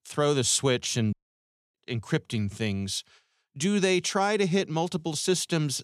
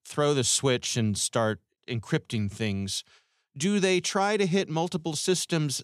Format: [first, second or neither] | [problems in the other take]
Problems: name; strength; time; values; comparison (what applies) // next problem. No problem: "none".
second | audio cutting out; at 1 s for 0.5 s